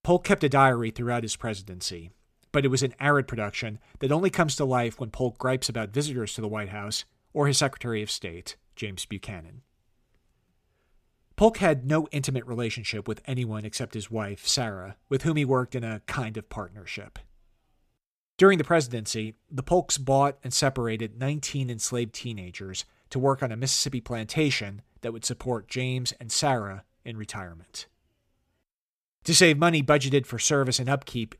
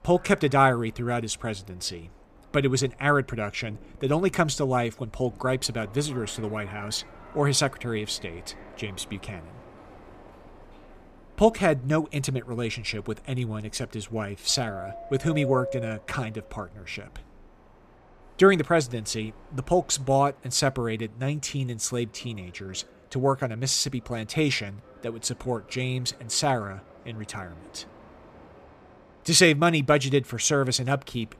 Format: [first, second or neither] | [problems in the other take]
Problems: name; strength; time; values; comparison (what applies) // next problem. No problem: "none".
first | train or aircraft noise; faint; throughout; 20 dB below the speech